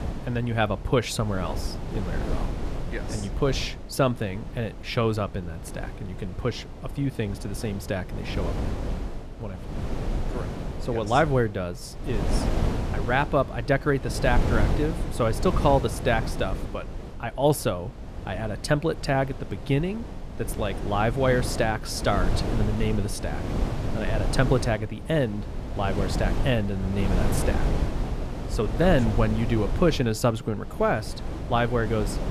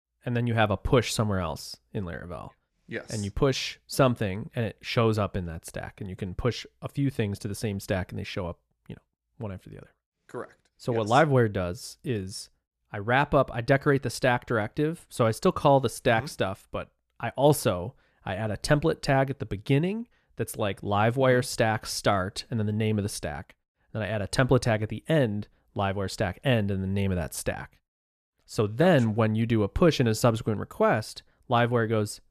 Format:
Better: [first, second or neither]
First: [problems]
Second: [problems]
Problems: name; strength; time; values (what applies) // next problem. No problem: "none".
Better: second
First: wind noise on the microphone; occasional gusts; 10 dB below the speech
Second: none